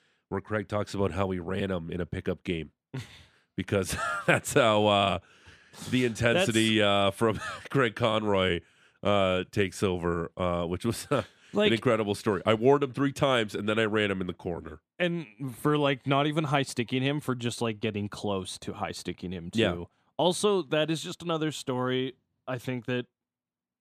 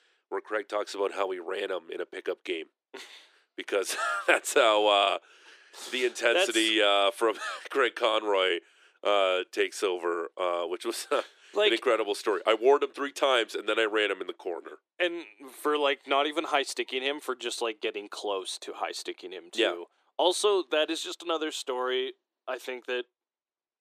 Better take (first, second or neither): first